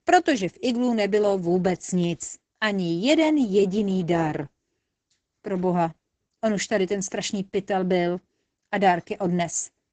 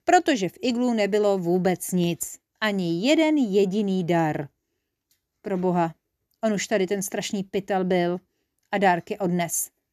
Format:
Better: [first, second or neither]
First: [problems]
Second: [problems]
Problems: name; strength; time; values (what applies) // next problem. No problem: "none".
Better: second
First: garbled, watery; badly; nothing above 8 kHz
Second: none